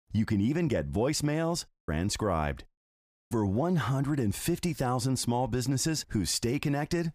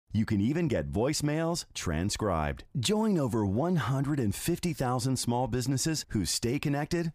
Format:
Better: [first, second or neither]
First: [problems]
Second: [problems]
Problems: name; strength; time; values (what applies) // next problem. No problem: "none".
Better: second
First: audio cutting out; at 1.5 s and at 2.5 s for 0.5 s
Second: none